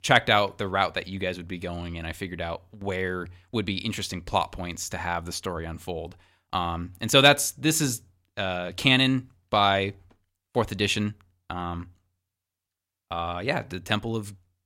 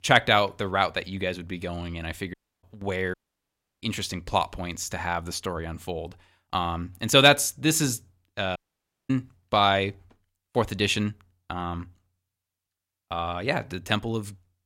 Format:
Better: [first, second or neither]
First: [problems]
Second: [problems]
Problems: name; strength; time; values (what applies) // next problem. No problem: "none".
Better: first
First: none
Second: audio cutting out; at 2.5 s, at 3 s for 0.5 s and at 8.5 s for 0.5 s